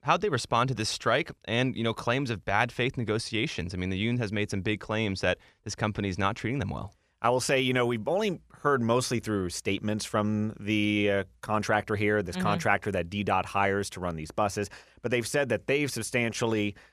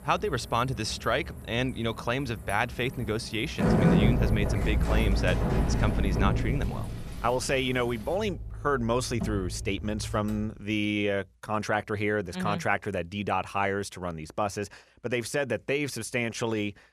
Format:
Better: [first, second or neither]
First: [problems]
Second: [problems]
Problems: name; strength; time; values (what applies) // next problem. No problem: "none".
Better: first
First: none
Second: traffic noise; very loud; until 11 s; 1 dB above the speech